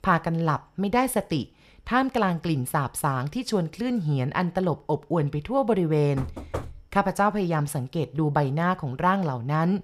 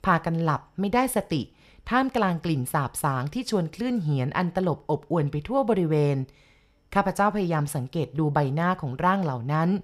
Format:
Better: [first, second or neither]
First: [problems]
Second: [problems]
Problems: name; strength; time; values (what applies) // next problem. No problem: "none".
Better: second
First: door banging; noticeable; at 6 s; peak 9 dB below the speech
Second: none